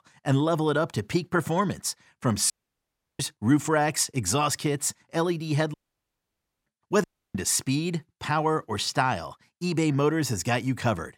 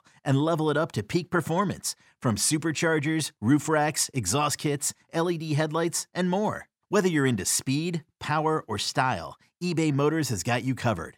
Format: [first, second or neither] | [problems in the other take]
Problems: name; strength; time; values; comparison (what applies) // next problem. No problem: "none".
second | audio cutting out; at 2.5 s for 0.5 s, at 5.5 s for 1 s and at 7 s